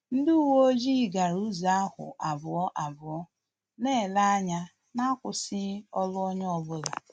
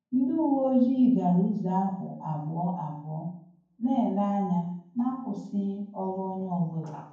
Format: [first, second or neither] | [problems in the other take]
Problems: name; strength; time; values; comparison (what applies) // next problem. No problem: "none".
first | room echo; dies away in 0.9 s